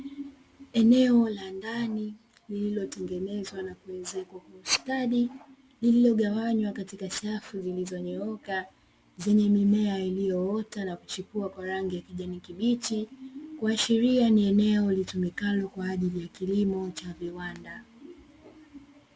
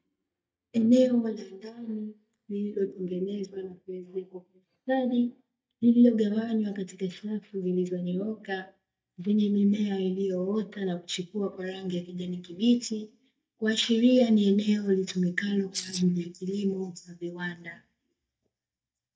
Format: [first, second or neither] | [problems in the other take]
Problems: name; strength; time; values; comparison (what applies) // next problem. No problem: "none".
first | noise reduction (neural mask model DeepFilterNet 3)